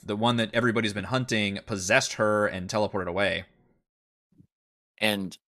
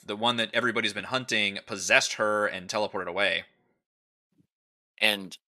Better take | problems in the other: first | thin; very slightly; fading below 450 Hz

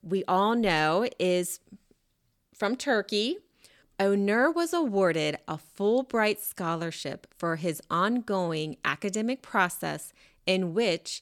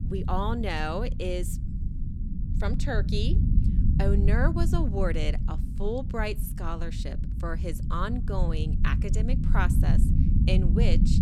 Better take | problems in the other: first | low rumble; loud; throughout; 7 dB below the speech

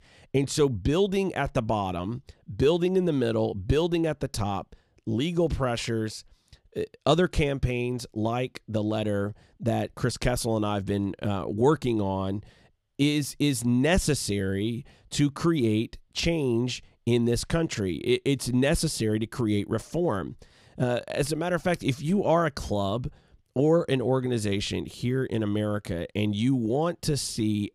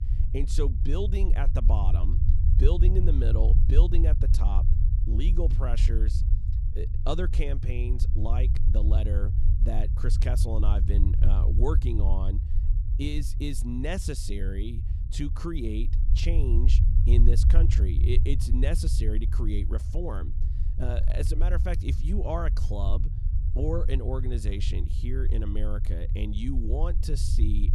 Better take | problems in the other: first | low rumble; loud; throughout; 7 dB below the speech

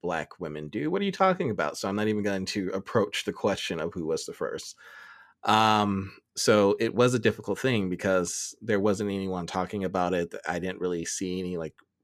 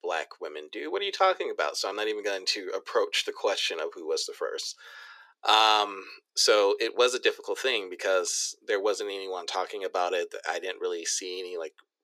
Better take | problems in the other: first | thin; very; fading below 350 Hz

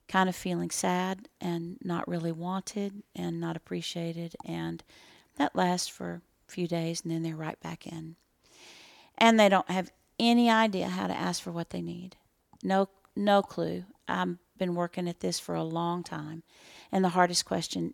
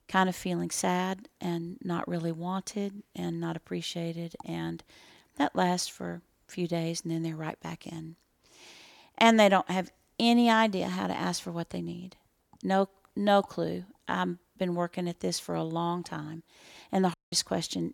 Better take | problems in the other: first | audio cutting out; at 17 s

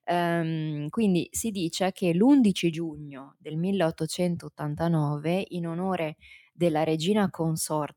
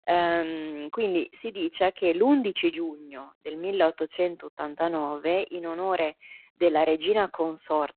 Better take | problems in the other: first | phone-call audio; poor line

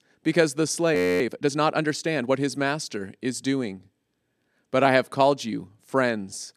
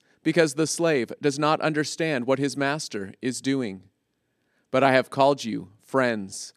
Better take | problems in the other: second | audio freezing; at 1 s

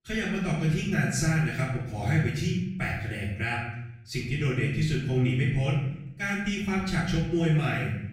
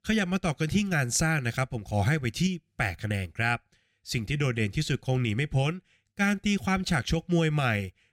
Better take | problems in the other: second | off-mic speech; far // room echo; noticeable; dies away in 0.8 s

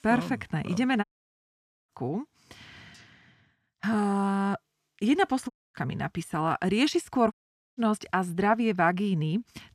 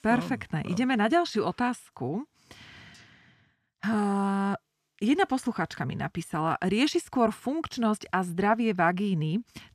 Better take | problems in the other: second | audio cutting out; at 1 s for 1 s, at 5.5 s and at 7.5 s

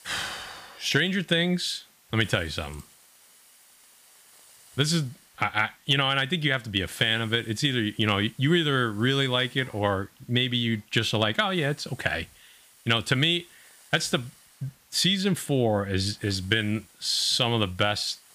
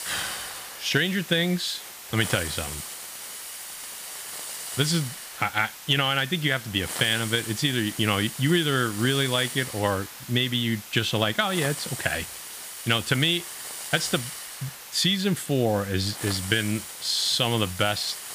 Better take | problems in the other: first | hiss; loud; throughout; 10 dB below the speech; faint in the first

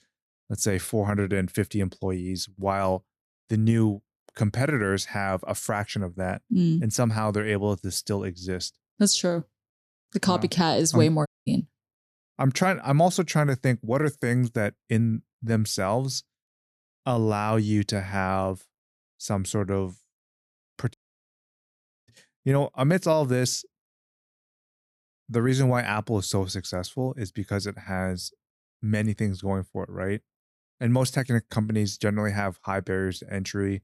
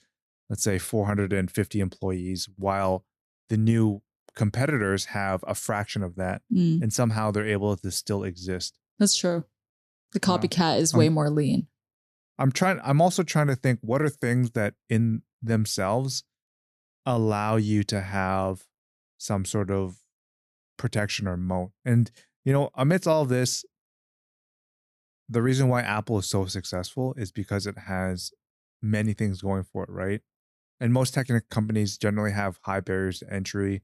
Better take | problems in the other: second | audio cutting out; at 11 s and at 21 s for 1 s

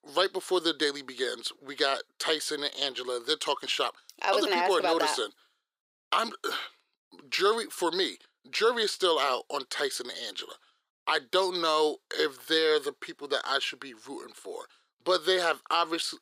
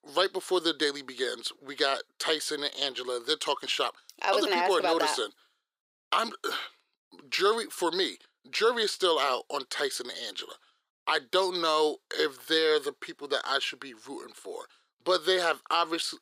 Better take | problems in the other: neither | thin; very; fading below 400 Hz; the same in both

